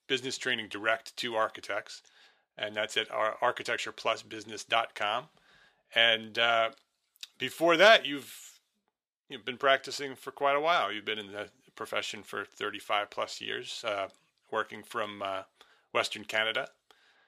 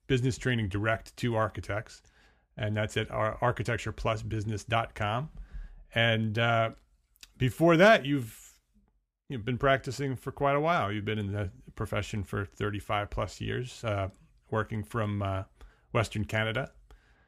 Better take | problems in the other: second | thin; very; fading below 450 Hz

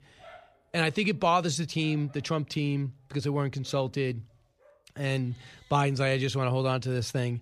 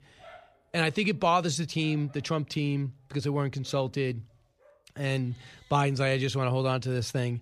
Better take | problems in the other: neither | animal sounds; faint; throughout; 30 dB below the speech; the same in both

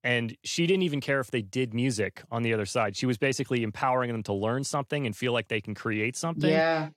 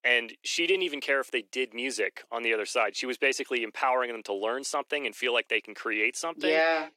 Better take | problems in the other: first | thin; very; fading below 300 Hz

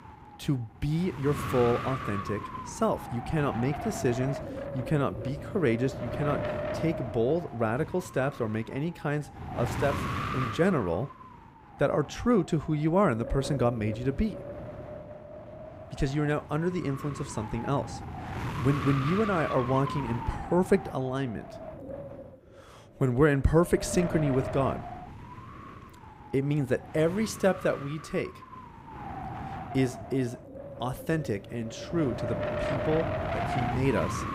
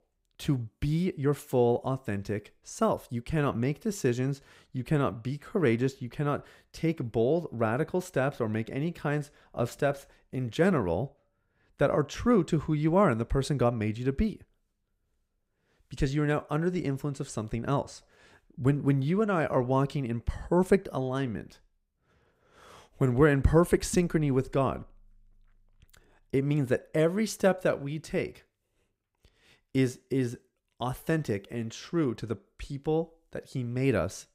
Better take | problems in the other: second | wind noise on the microphone; heavy; 6 dB below the speech

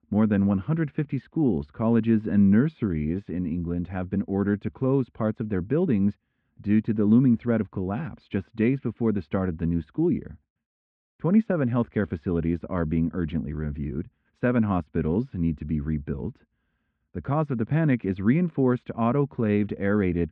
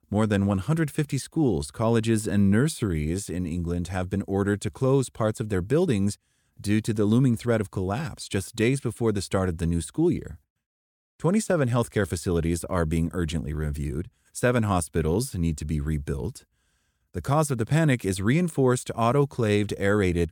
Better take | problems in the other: second | muffled; very; fading above 2.5 kHz

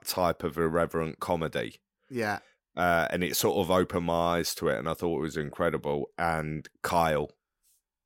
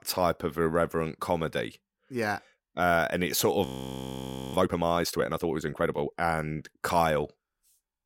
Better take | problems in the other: first | audio freezing; at 3.5 s for 1 s

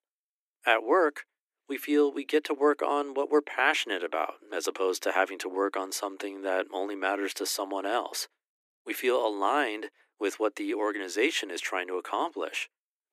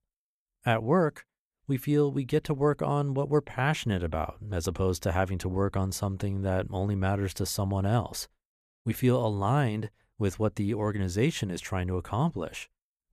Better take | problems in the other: second | thin; somewhat; fading below 300 Hz

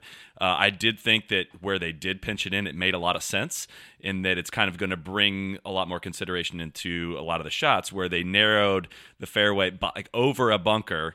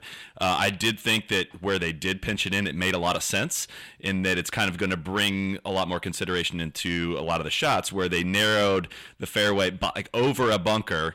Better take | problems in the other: first | distortion; heavy; 8 dB below the speech

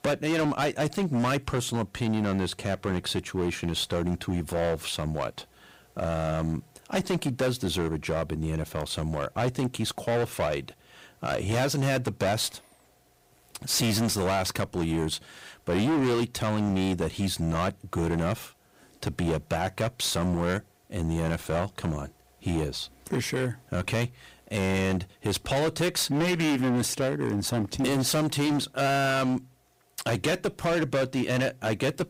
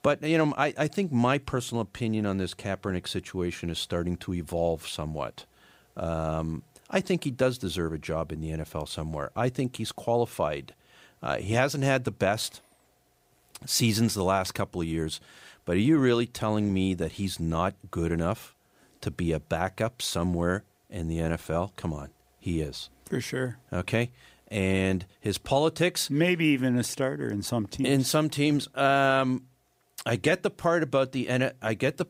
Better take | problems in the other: second | distortion; heavy; 17% of the sound clipped

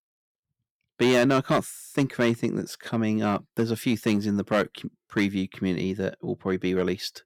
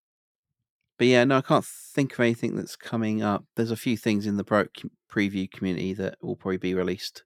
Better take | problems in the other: second | distortion; slight; 3% of the sound clipped

